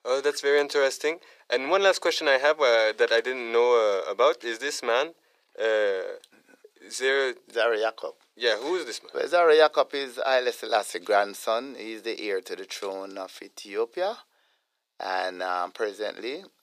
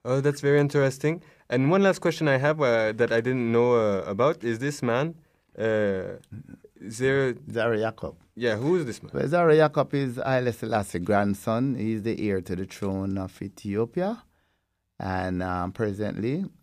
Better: second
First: thin; very; fading below 450 Hz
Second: none

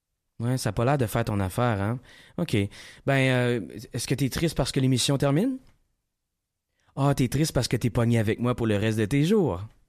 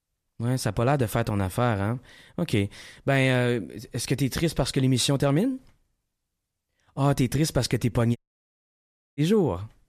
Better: first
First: none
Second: audio cutting out; at 8 s for 1 s

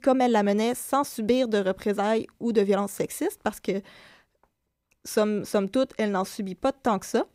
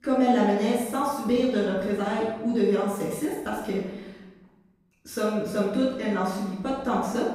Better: first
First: none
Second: room echo; strong; dies away in 1.1 s // off-mic speech; far

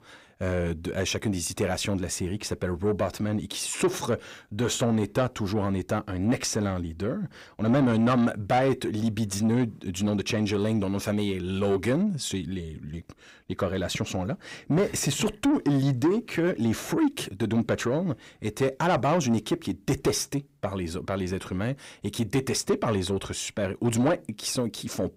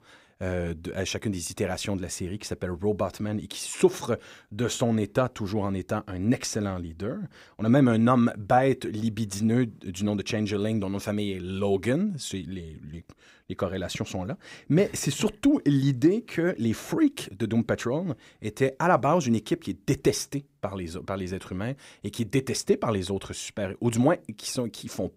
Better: second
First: distortion; slight; 10 dB below the speech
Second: none

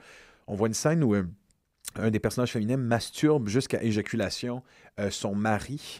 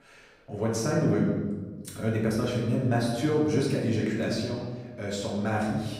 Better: first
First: none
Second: room echo; noticeable; dies away in 1.2 s // off-mic speech; far

